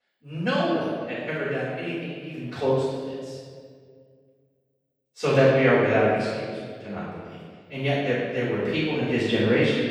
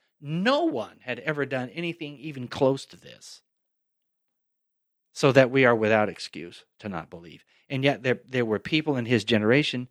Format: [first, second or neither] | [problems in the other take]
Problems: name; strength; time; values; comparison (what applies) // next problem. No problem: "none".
second | room echo; strong; dies away in 1.7 s // off-mic speech; far